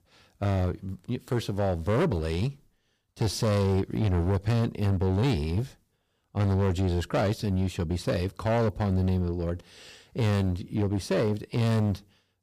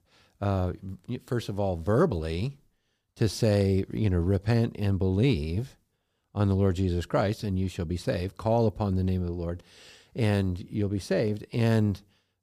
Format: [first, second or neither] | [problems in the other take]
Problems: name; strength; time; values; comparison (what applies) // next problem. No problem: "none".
second | distortion; slight; 13% of the sound clipped